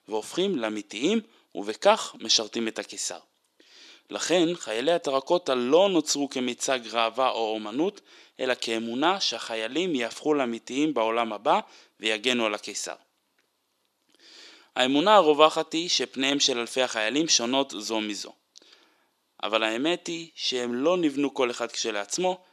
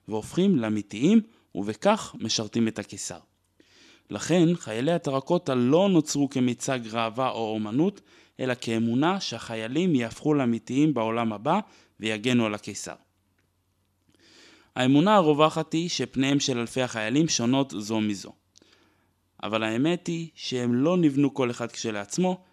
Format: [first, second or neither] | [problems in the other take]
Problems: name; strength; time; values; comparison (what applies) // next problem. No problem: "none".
second | thin; somewhat; fading below 450 Hz